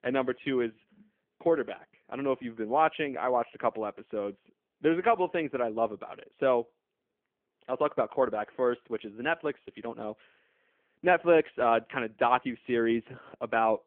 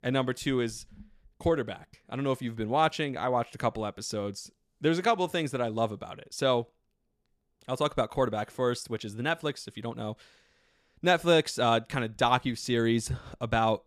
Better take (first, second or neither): second